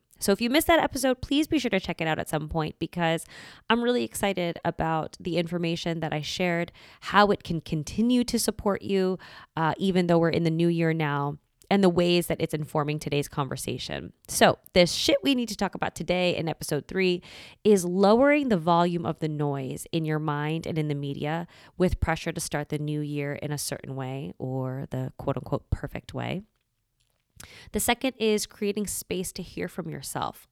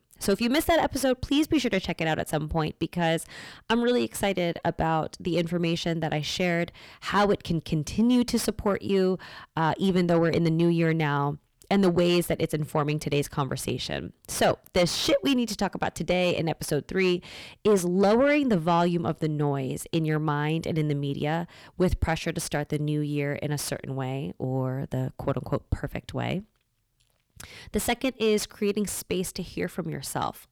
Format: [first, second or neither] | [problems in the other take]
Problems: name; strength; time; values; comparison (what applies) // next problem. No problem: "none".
first | distortion; slight; 10 dB below the speech